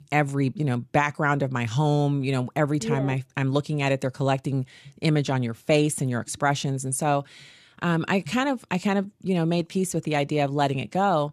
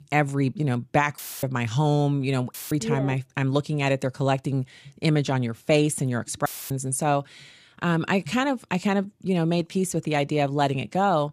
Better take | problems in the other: first | audio cutting out; filled with static; at 1 s, at 2.5 s and at 6.5 s

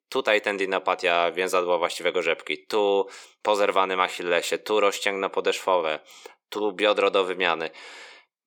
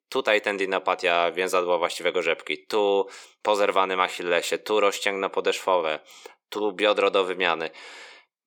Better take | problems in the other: neither | thin; very; fading below 400 Hz; the same in both

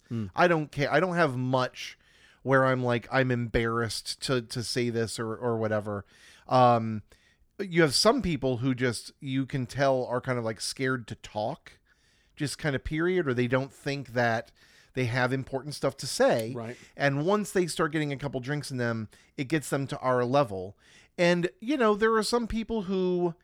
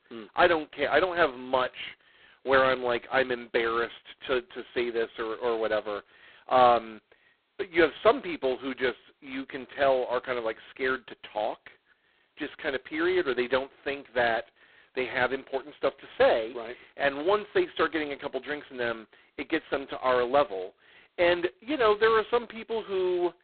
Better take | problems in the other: first | phone-call audio; poor line; nothing above 4 kHz

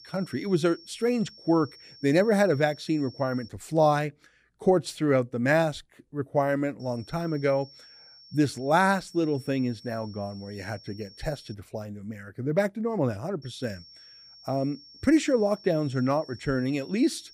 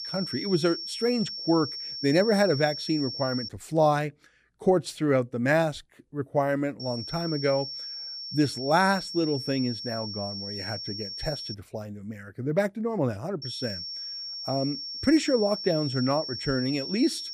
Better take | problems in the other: first | high-pitched whine; loud; until 3.5 s, from 7 to 12 s and from 13 s on; 5.5 kHz, 7 dB below the speech; faint in the first

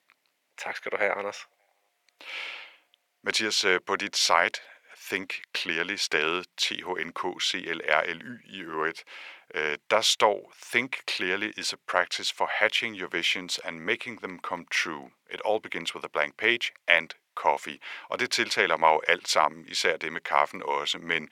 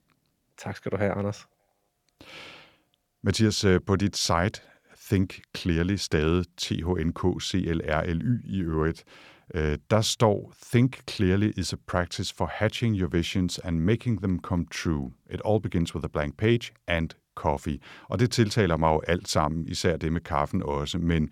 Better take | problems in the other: second | thin; very; fading below 600 Hz

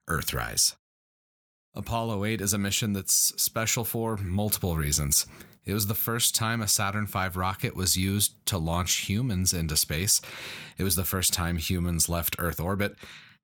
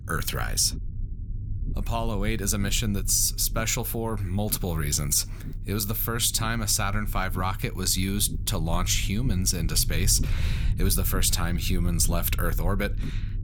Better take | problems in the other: first | low rumble; noticeable; throughout; 20 dB below the speech

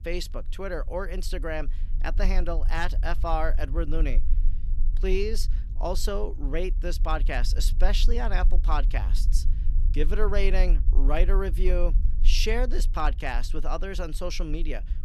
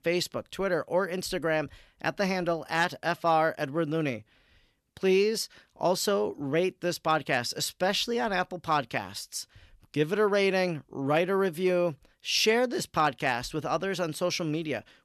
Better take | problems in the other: second | low rumble; noticeable; throughout; 20 dB below the speech

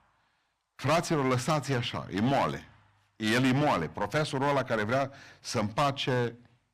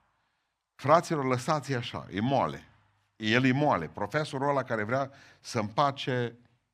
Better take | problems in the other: second | distortion; heavy; 9% of the sound clipped

